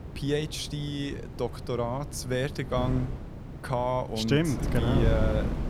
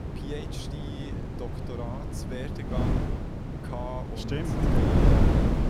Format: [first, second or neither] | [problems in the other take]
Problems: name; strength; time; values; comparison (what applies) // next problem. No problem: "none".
first | wind noise on the microphone; heavy; 4 dB above the speech; occasional gusts in the first